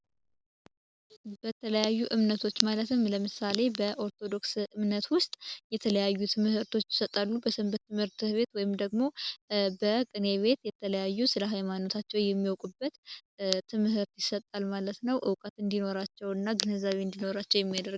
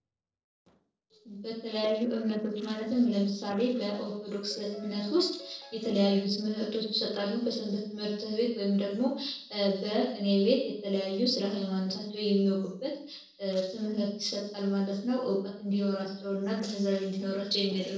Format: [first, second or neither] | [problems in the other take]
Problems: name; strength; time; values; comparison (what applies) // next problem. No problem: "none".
first | noise reduction (neural separator model SepFormer DNS4)